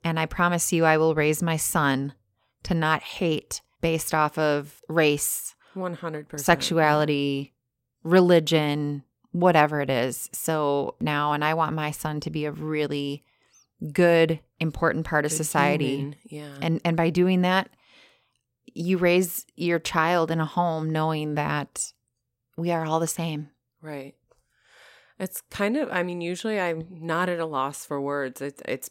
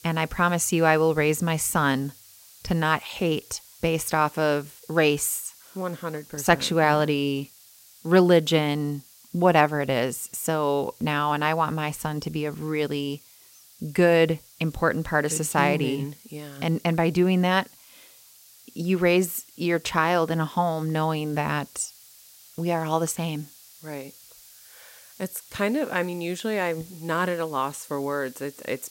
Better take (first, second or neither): first